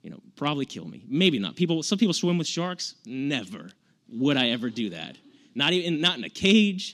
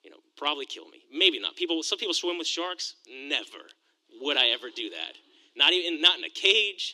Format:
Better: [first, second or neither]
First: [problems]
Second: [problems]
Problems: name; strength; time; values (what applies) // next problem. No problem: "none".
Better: first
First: none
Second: thin; very; fading below 300 Hz